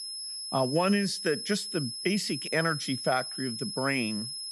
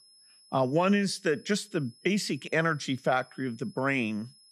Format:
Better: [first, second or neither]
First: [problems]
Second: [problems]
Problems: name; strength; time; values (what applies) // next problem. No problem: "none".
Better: second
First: high-pitched whine; loud; throughout; 5 kHz, 5 dB below the speech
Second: high-pitched whine; faint; throughout; 5 kHz, 25 dB below the speech